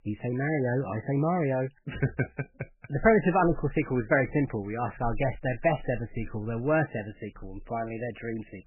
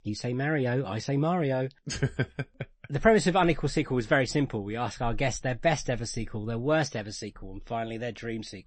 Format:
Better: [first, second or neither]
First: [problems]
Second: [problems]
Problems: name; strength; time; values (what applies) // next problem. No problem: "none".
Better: second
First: garbled, watery; badly; nothing above 3 kHz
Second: garbled, watery; slightly; nothing above 8 kHz